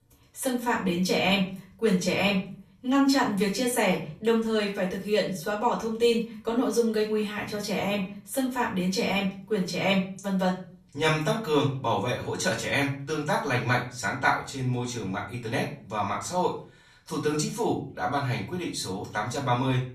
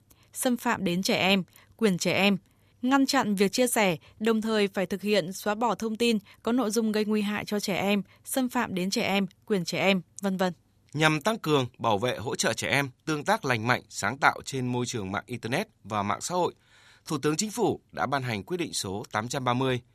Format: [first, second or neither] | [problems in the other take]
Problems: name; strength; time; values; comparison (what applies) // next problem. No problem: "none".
second | off-mic speech; far // room echo; slight; dies away in 0.4 s